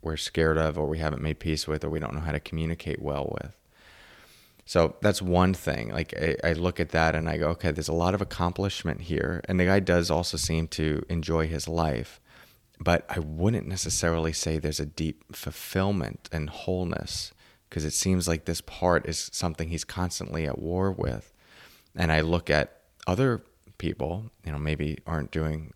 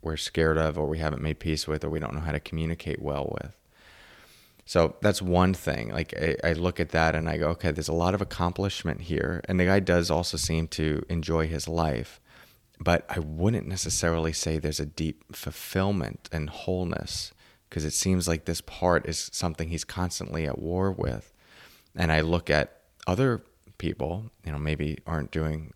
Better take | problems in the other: neither | none

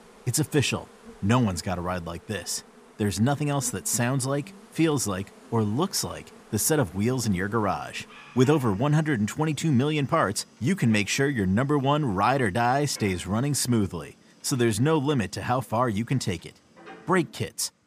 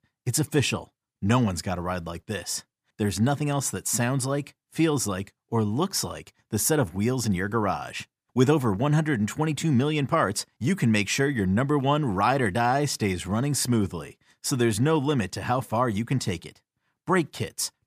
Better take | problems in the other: second | animal sounds; faint; throughout; 25 dB below the speech

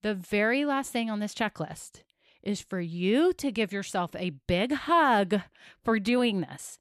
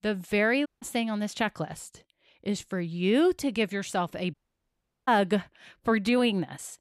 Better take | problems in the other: first | audio cutting out; at 0.5 s and at 4.5 s for 0.5 s

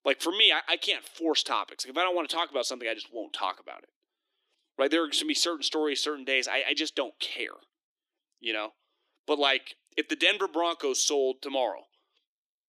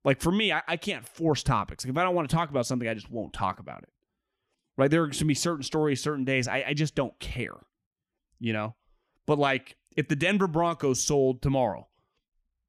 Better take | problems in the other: second | thin; somewhat; fading below 300 Hz

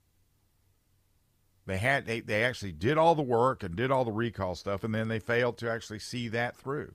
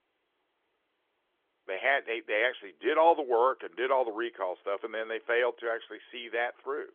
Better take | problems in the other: first | phone-call audio; nothing above 3.5 kHz

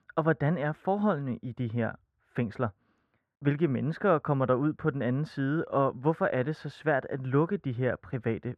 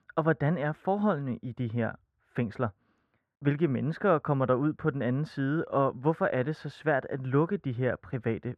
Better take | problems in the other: neither | muffled; very; fading above 2.5 kHz; the same in both

